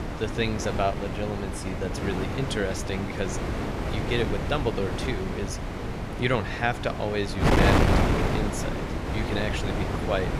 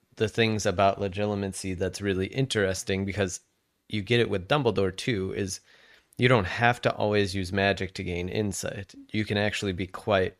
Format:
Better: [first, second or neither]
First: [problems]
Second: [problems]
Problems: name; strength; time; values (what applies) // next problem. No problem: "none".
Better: second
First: wind noise on the microphone; heavy; as loud as the speech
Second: none